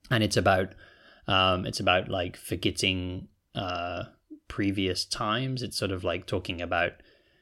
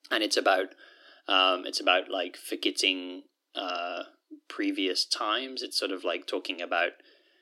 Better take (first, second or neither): first